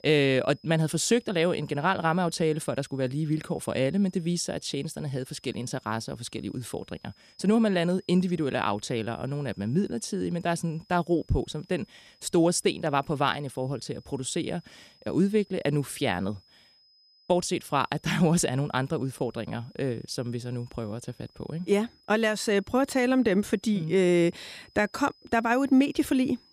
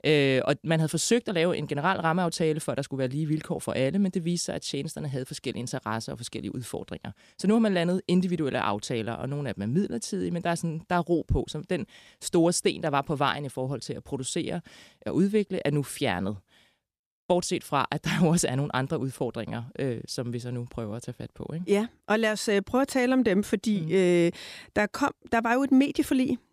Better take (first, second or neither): second